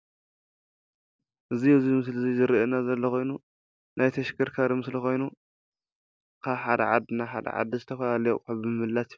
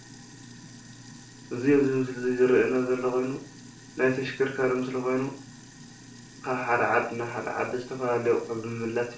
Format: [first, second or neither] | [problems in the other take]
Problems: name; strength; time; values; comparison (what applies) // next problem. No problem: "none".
first | background sound (Sink (filling or washing)); 19 dB below the speech // room echo; dies away in 0.4 s